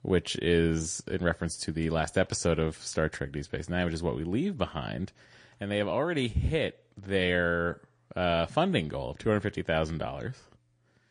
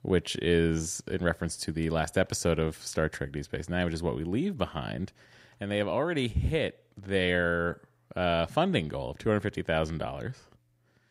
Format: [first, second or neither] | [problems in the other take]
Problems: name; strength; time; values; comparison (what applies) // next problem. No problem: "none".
second | garbled, watery; slightly; nothing above 8.5 kHz